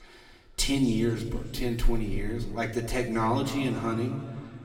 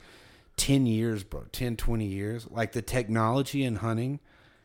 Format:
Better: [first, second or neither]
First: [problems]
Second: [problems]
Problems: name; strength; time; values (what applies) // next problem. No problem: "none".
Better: second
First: room echo; slight; dies away in 2.3 s // off-mic speech; somewhat distant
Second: none